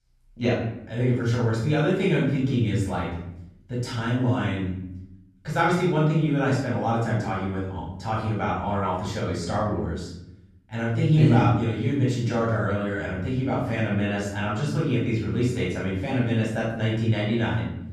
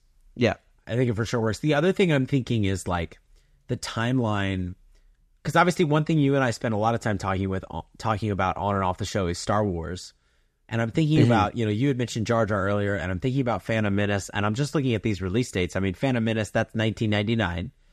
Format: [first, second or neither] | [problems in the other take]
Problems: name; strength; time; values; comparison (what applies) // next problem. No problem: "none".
second | off-mic speech; far // room echo; noticeable; dies away in 0.8 s